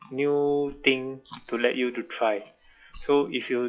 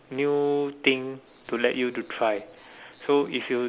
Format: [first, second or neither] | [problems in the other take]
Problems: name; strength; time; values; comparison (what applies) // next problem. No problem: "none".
second | noise reduction (classical method log-MMSE)